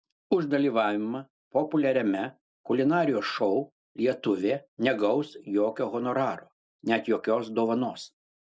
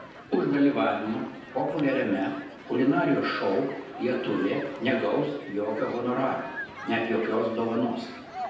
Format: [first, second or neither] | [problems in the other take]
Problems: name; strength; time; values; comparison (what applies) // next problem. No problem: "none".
first | background sound (Human group actions); 14 dB below the speech // room echo; dies away in 0.9 s